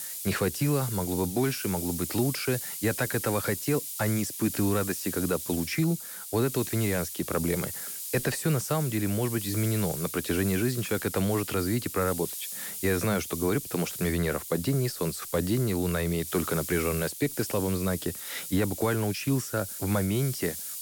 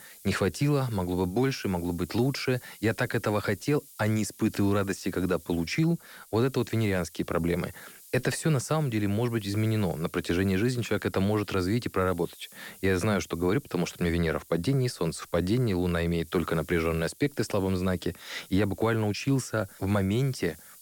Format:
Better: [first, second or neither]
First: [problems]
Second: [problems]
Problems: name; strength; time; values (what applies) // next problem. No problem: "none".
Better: second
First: hiss; loud; throughout; 6 dB below the speech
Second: hiss; faint; throughout; 20 dB below the speech